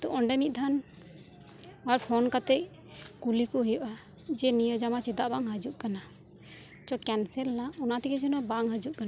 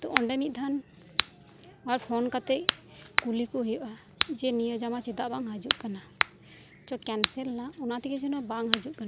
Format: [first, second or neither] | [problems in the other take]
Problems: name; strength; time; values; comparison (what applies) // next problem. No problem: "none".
first | background sound (Crack); 3 dB below the speech